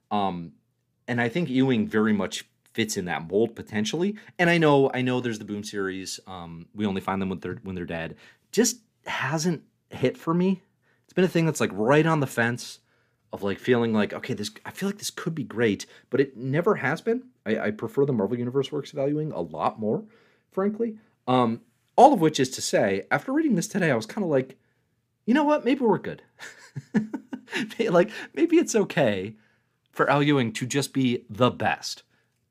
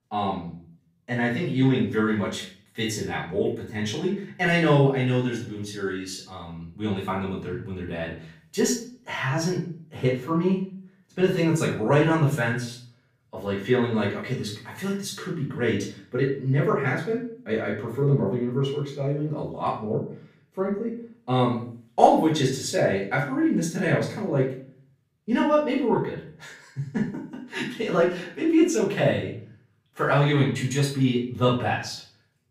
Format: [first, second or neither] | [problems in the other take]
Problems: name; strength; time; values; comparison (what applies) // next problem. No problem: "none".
first | off-mic speech; far // room echo; noticeable; dies away in 0.4 s